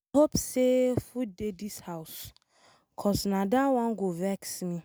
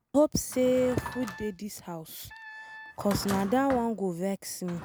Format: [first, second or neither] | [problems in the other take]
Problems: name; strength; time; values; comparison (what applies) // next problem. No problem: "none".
first | background sound (Wind instrument, woodwind instrument + Drawer open or close); 13 dB below the speech